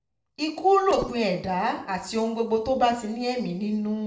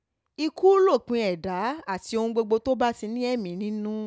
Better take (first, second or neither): second